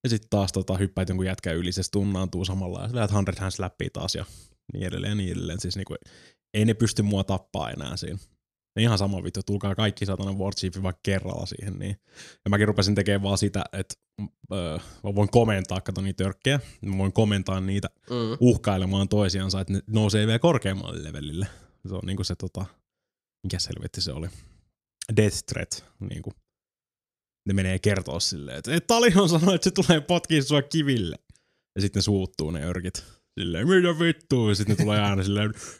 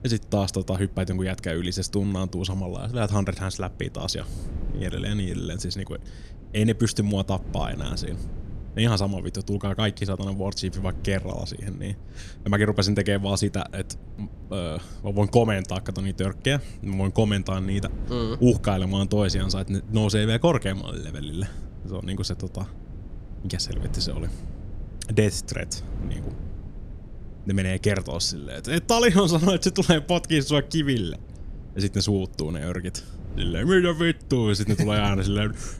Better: first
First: none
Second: wind noise on the microphone; occasional gusts; 20 dB below the speech

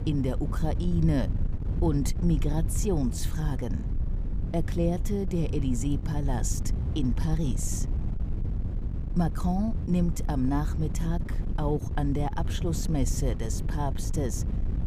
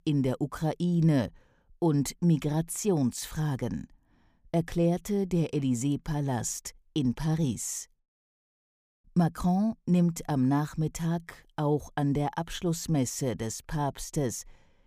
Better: second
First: wind noise on the microphone; occasional gusts; 10 dB below the speech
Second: none

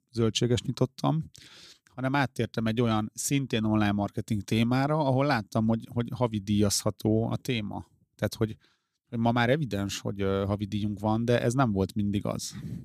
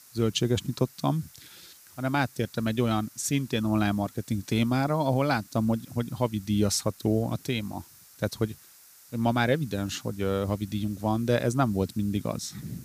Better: first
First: none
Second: hiss; faint; throughout; 20 dB below the speech

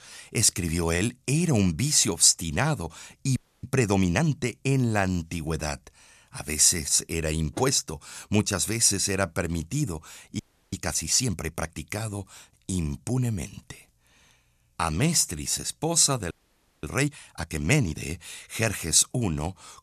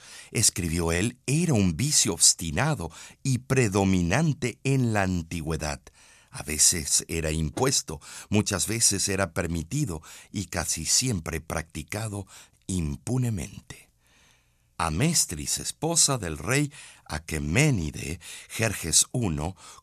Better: second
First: audio freezing; at 3.5 s, at 10 s and at 16 s for 0.5 s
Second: none

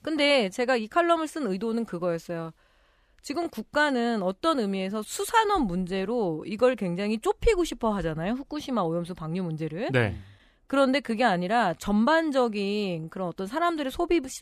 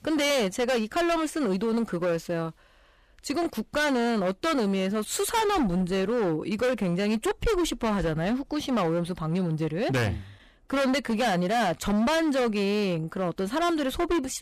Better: first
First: none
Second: distortion; heavy; 21% of the sound clipped

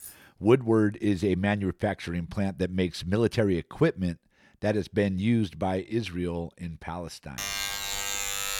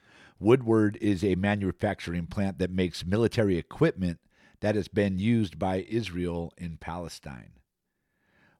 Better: second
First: jangling keys; faint; at the start; peak 20 dB below the speech // alarm; noticeable; from 7.5 s on; peak 1 dB below the speech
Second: none

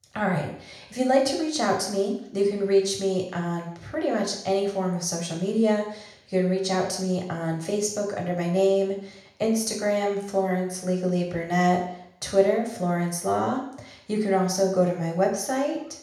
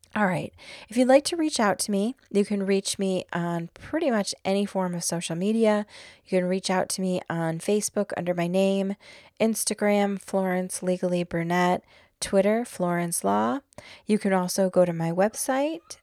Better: second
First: room echo; noticeable; dies away in 0.6 s // off-mic speech; far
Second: none

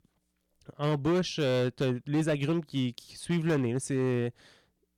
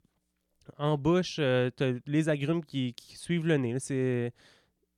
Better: second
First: distortion; slight; 7% of the sound clipped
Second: none

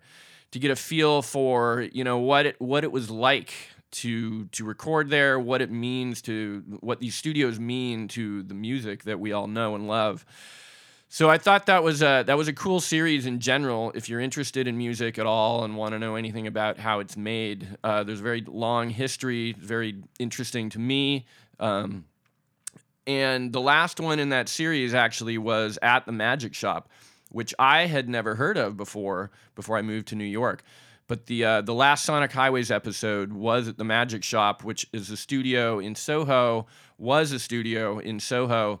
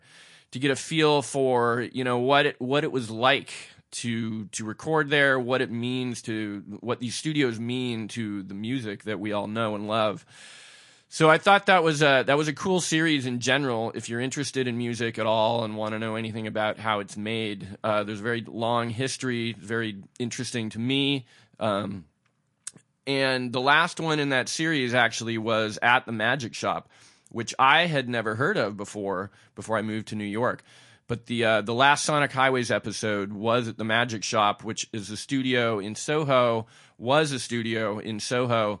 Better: first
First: none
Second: garbled, watery; slightly; nothing above 11 kHz

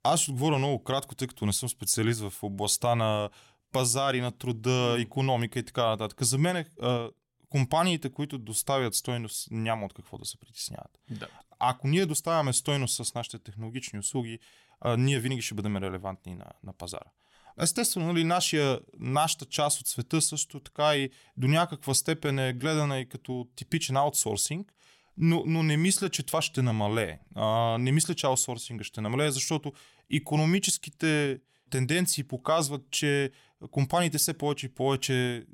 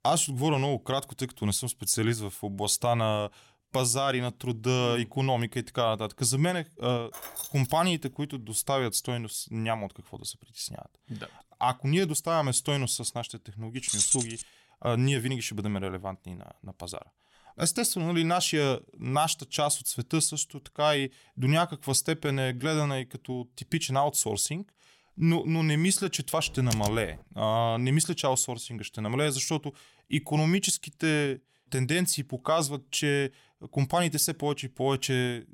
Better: first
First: none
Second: jangling keys; noticeable; at 7 s; peak 8 dB below the speech // jangling keys; loud; at 14 s; peak 4 dB above the speech // keyboard typing; noticeable; at 26 s; peak 6 dB below the speech

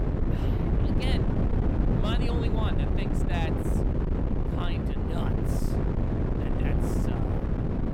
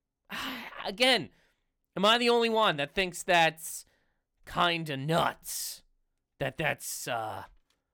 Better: second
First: wind noise on the microphone; heavy; 4 dB above the speech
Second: none

